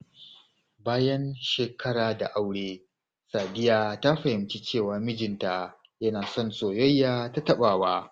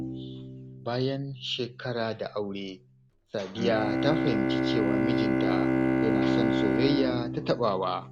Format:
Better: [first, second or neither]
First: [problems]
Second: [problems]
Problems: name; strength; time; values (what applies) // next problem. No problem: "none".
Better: first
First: none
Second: background sound (Bowed string instrument); 2 dB above the speech